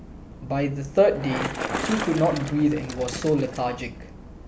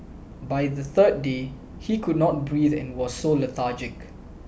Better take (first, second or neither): second